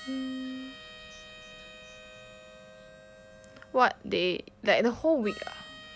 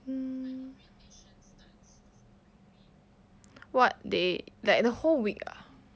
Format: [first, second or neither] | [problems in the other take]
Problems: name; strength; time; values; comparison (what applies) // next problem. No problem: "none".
second | background sound (Harmonica); 17 dB below the speech